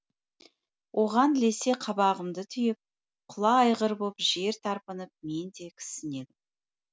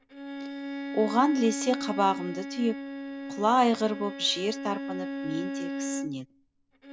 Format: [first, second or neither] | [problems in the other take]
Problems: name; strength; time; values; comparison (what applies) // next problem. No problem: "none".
first | background sound (Bowed string instrument); 7 dB below the speech